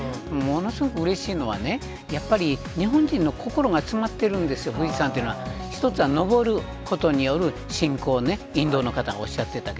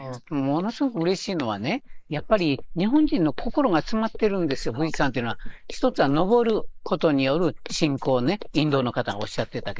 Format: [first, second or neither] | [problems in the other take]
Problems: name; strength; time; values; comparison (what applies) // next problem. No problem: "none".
first | noise reduction (neural mask model Resemble Enhance denoiser)